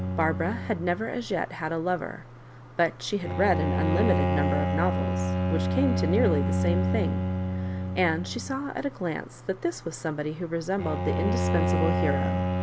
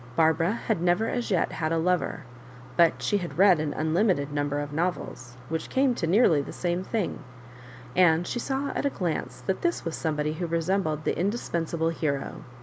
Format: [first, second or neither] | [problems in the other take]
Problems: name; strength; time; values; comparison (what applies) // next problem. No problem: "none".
second | background sound (Bowed string instrument); 1 dB above the speech